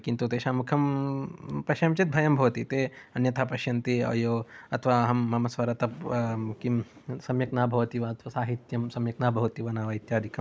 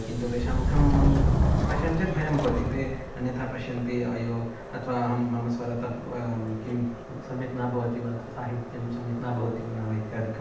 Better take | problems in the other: first | background sound (Subway, metro, underground); as loud as the speech // room echo; dies away in 0.9 s

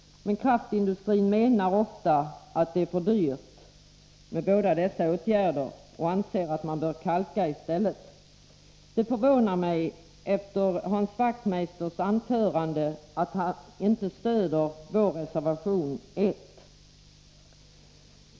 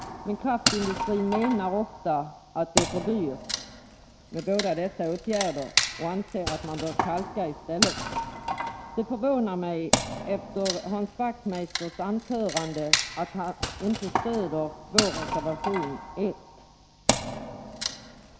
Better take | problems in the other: first | background sound (Wood); 2 dB below the speech

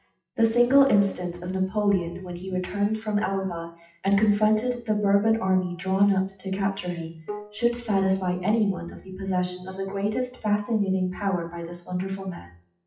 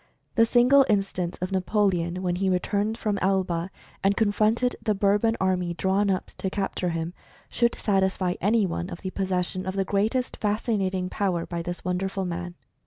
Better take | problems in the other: second | noise reduction (classical method WPE with log-MMSE)

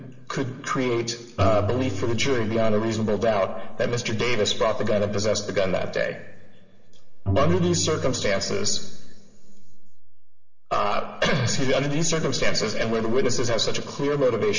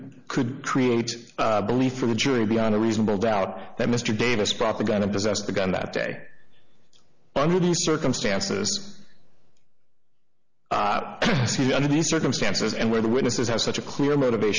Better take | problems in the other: second | background sound (Bowed string instrument); 11 dB below the speech // room echo; dies away in 2.5 s

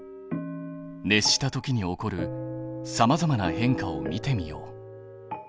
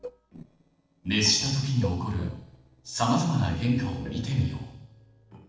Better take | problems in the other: first | noise reduction (neural separator model SepFormer DNS4)

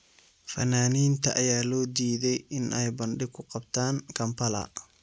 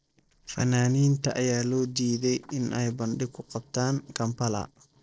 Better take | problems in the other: first | noise reduction (neural separator model SepFormer DNS4)

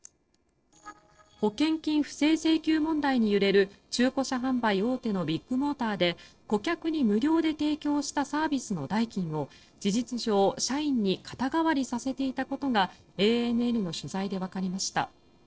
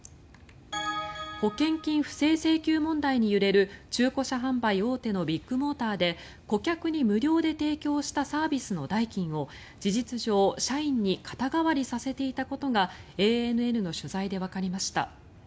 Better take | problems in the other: second | noise reduction (neural separator model SepFormer DNS4)

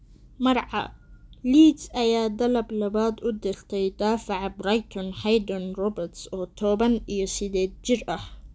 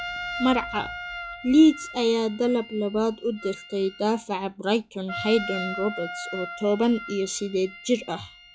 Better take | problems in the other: first | noise reduction (classical method log-MMSE)

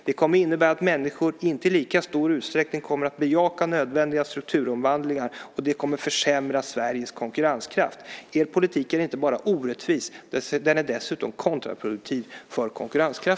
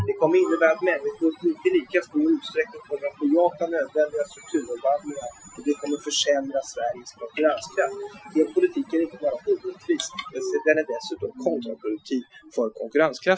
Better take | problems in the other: first | noise reduction (classical method Wiener filter)

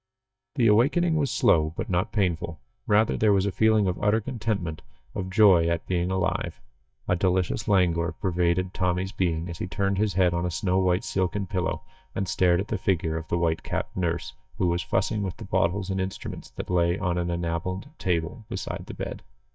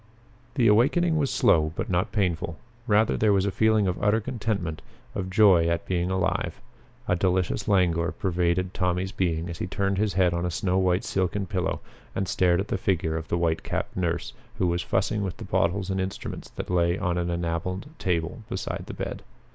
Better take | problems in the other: second | noise reduction (neural mask model DeepFilterNet 3)

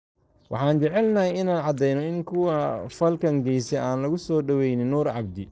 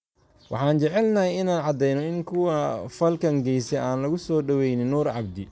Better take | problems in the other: second | noise reduction (neural separator model SepFormer DNS4)

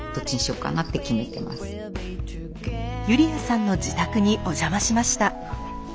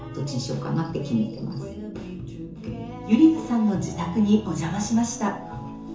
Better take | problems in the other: first | room echo; dies away in 0.7 s

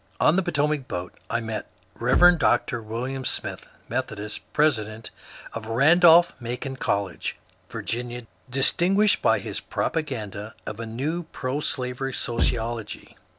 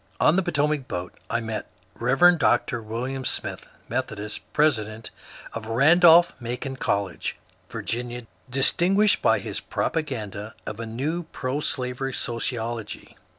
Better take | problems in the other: second | background sound (Bass drum); 1 dB below the speech

